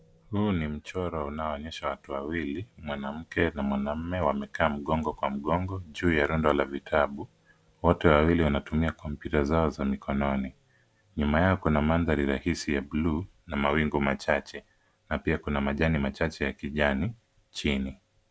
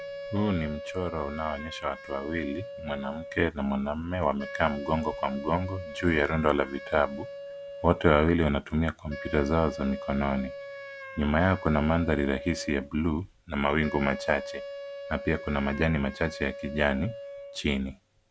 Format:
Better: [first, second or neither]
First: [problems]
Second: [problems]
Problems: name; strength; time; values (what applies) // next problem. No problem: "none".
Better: first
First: none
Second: background sound (Wind instrument, woodwind instrument); 13 dB below the speech